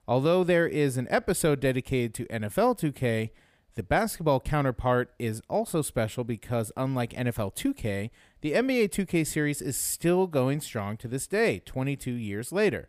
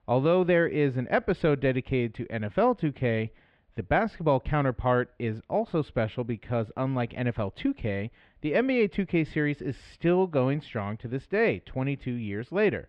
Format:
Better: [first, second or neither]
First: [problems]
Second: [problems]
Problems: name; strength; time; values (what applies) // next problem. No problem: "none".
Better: first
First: none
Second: muffled; very; fading above 3.5 kHz